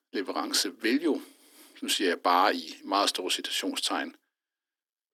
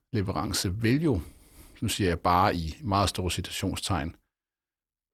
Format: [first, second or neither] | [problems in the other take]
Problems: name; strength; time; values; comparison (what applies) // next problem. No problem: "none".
second | thin; very slightly; fading below 250 Hz